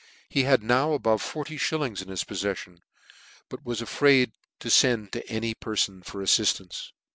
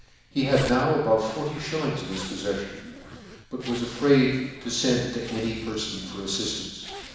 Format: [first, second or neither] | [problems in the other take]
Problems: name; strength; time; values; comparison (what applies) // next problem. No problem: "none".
first | background sound (Zipper (clothing)); 16 dB below the speech // room echo; dies away in 1.1 s